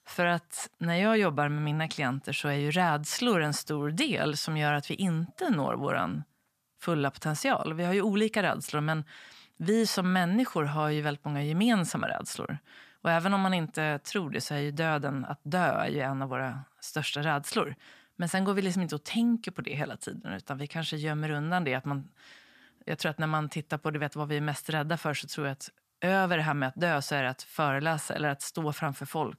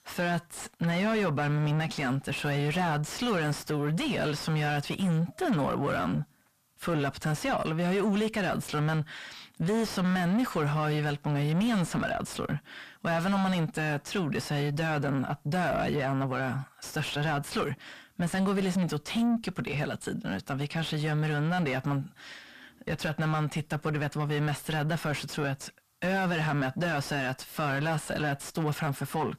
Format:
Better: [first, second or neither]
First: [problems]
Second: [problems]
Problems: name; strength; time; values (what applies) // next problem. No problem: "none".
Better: first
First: none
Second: distortion; heavy; 6 dB below the speech